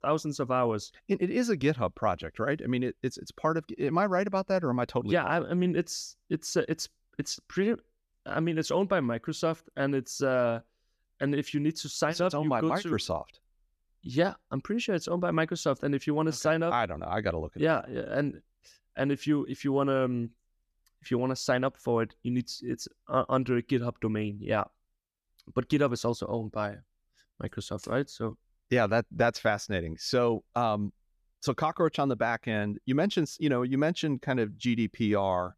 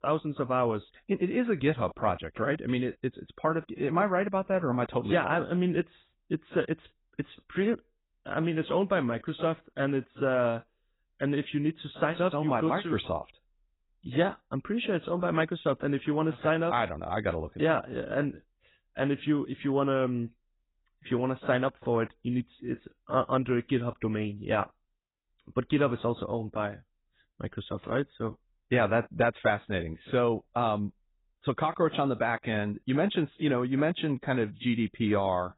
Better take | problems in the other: first | garbled, watery; badly; nothing above 4 kHz

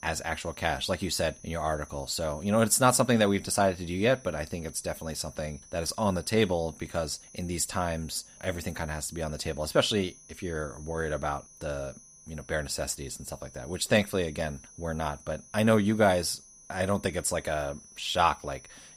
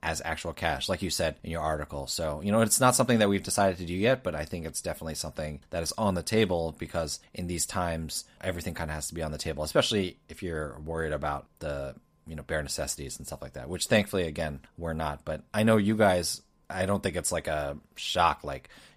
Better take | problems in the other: second | high-pitched whine; faint; throughout; 6 kHz, 20 dB below the speech

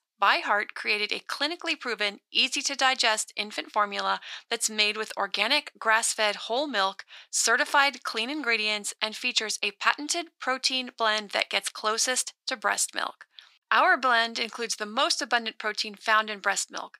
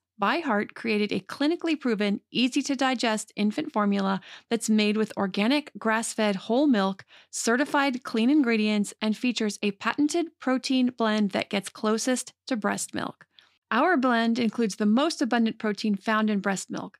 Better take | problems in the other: second | thin; very; fading below 850 Hz

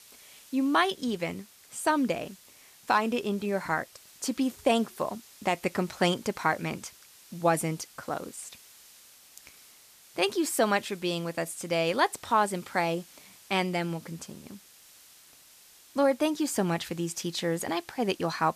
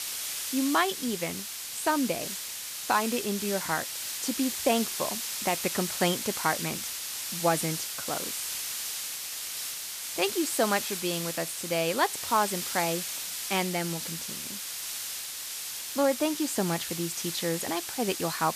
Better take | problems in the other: first | hiss; loud; throughout; 3 dB below the speech; faint in the first

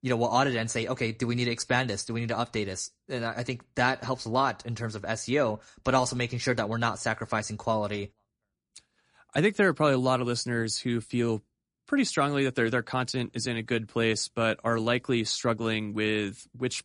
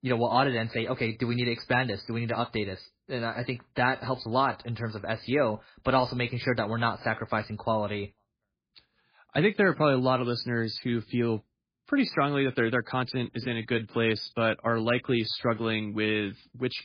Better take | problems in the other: first | garbled, watery; badly; nothing above 4 kHz; slightly in the first

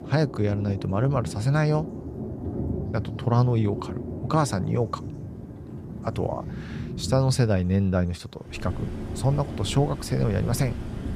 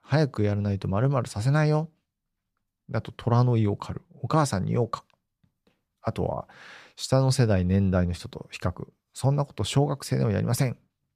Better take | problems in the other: second | rain or running water; loud; throughout; 9 dB below the speech

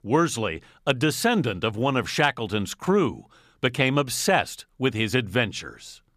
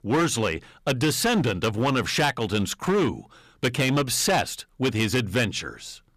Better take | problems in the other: first | distortion; heavy; 11% of the sound clipped

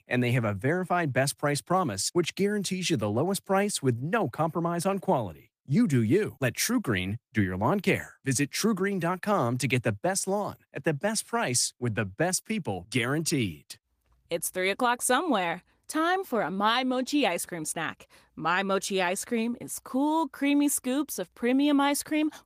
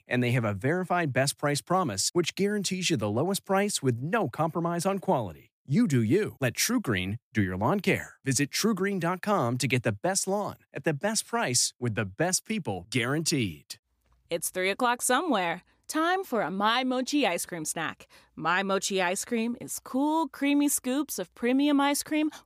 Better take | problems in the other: second | garbled, watery; slightly; nothing above 15 kHz

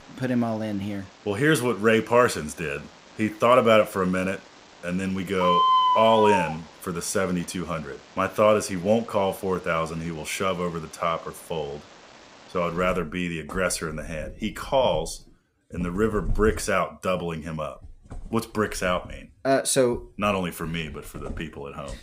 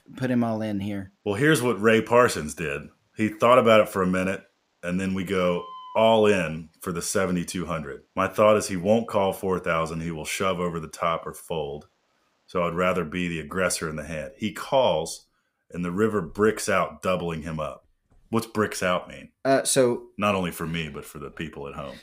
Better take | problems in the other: second | animal sounds; loud; throughout; 1 dB below the speech; faint in the second

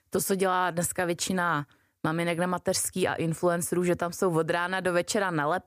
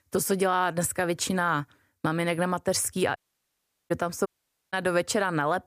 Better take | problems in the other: first | audio cutting out; at 3 s for 0.5 s and at 4.5 s

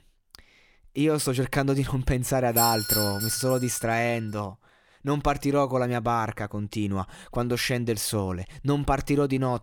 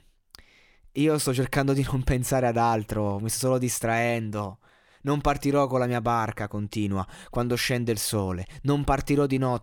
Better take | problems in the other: second | doorbell; loud; from 2.5 to 3.5 s; peak 4 dB above the speech

